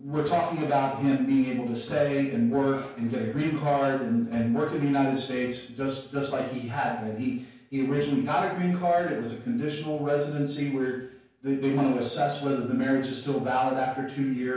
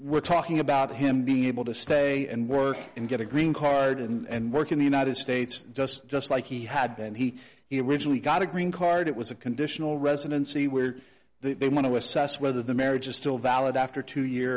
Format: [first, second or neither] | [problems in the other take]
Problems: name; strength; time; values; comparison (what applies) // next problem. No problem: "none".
second | room echo; dies away in 0.5 s